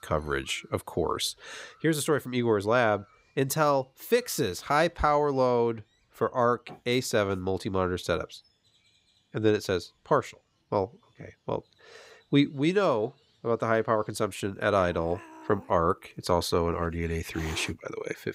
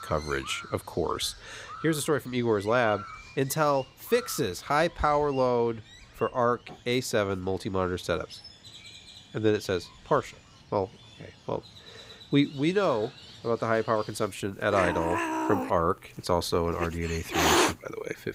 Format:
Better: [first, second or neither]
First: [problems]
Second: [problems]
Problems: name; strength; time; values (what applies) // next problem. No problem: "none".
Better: first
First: animal sounds; faint; throughout; 25 dB below the speech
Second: animal sounds; loud; throughout; 4 dB below the speech